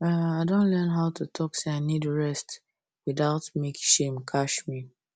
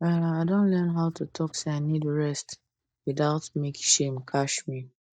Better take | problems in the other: first | noise reduction (neural mask model DeepFilterNet 3)

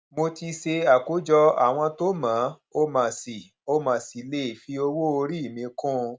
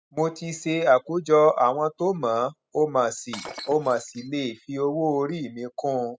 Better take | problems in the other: first | noise reduction (classical method spectral subtraction)

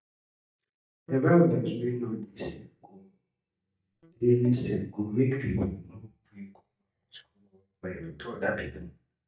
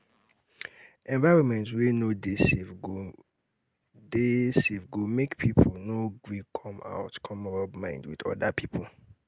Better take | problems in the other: second | noise reduction (neural mask model DeepFilterNet 3)

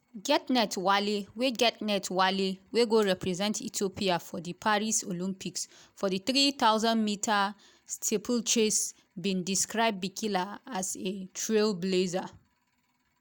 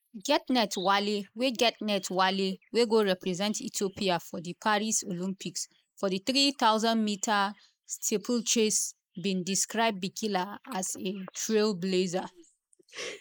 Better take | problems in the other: first | noise reduction (neural mask model Resemble Enhance denoiser)

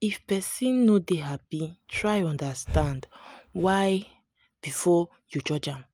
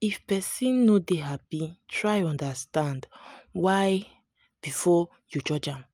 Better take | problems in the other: second | background sound (Breathing); 10 dB below the speech

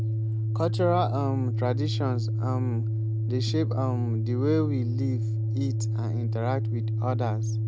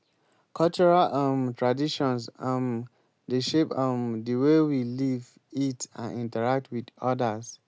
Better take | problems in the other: second | background sound (Organ); 4 dB above the speech

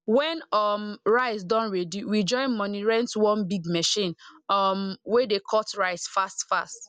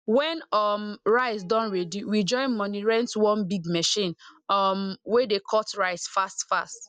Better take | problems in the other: first | noise reduction (neural mask model DeepFilterNet 3)

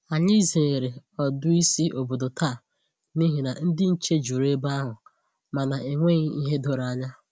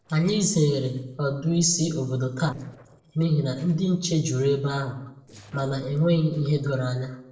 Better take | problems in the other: first | noise reduction (neural separator model SepFormer DNS4)

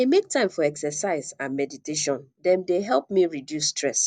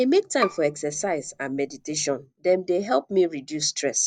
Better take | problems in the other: first | background sound (Bowed string instrument); 13 dB below the speech

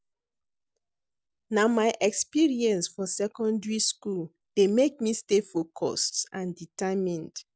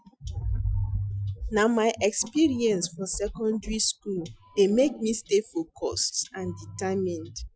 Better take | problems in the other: first | noise reduction (classical method Wiener filter)

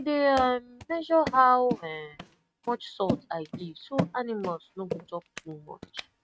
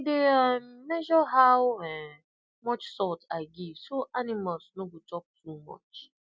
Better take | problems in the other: second | noise reduction (neural mask model RNNoise)

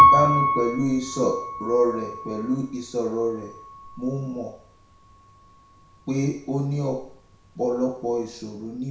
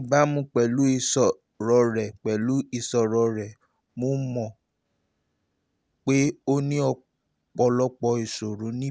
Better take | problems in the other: second | background sound (Piano); as loud as the speech // room echo; dies away in 0.6 s

